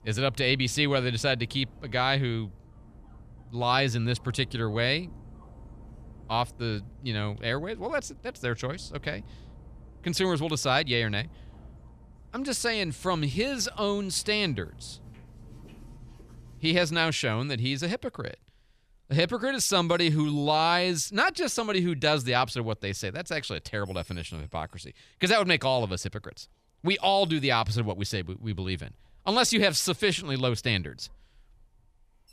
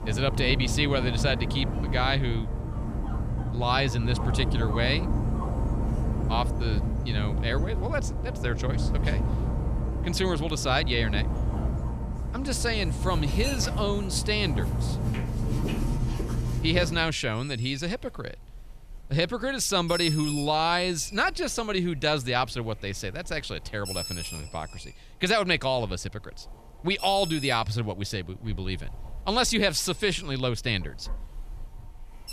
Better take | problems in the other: first | animal sounds; loud; throughout; 3 dB below the speech; faint in the first

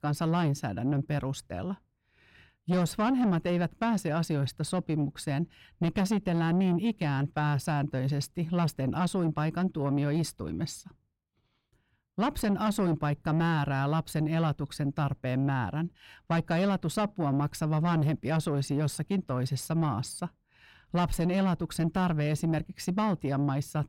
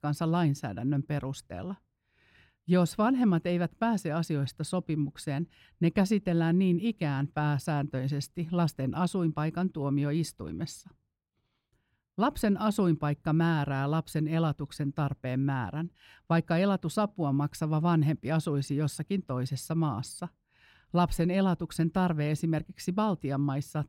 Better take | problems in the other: second | distortion; slight; 10 dB below the speech

